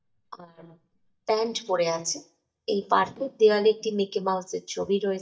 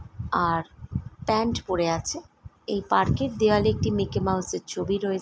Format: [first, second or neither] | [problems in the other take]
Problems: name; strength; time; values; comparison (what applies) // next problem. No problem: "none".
second | noise reduction (neural mask model DeepFilterNet 3)